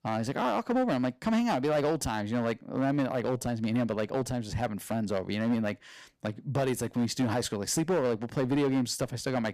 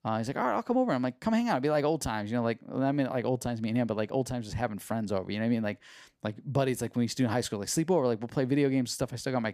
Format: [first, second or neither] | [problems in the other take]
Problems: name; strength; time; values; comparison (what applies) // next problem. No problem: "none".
second | distortion; slight; 8% of the sound clipped